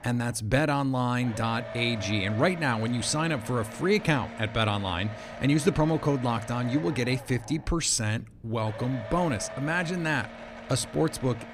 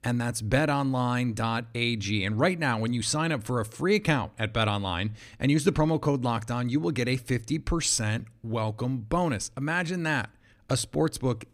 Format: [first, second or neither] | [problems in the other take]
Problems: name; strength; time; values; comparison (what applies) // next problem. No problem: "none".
second | low rumble; noticeable; throughout; 10 dB below the speech